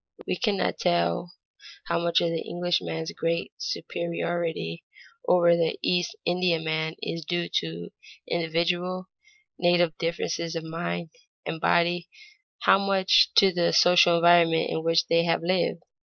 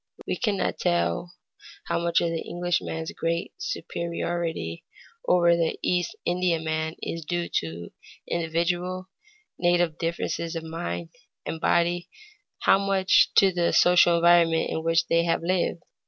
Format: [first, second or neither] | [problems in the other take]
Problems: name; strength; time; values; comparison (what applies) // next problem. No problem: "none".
second | noise reduction (neural mask model Resemble Enhance denoiser)